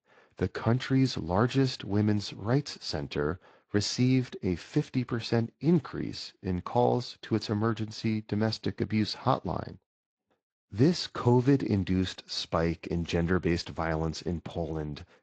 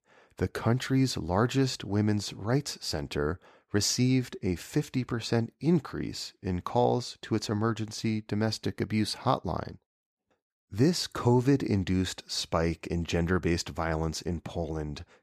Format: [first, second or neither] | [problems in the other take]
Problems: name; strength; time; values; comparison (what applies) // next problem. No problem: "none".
second | garbled, watery; slightly; nothing above 7.5 kHz